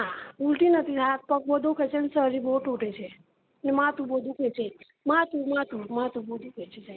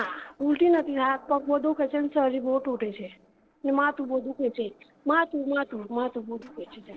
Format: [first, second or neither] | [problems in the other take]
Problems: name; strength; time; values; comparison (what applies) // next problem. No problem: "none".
first | noise reduction (neural separator model SepFormer DNS4)